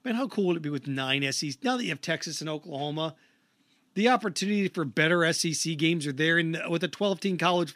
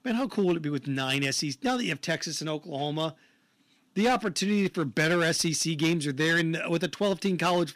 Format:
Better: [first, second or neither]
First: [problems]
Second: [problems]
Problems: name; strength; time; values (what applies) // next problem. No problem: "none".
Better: first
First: none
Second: distortion; slight; 5% of the sound clipped